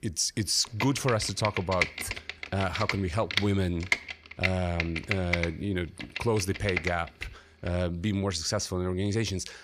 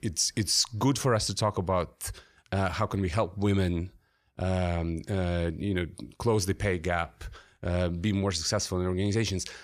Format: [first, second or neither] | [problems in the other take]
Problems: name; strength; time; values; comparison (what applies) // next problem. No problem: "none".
second | keyboard typing; loud; from 1 to 7 s; peak 1 dB above the speech